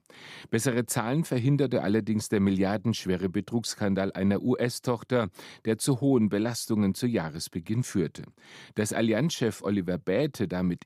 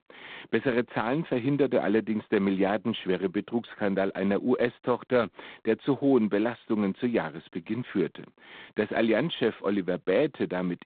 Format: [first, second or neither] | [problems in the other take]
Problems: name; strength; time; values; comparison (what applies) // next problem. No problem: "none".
first | phone-call audio; poor line; nothing above 3.5 kHz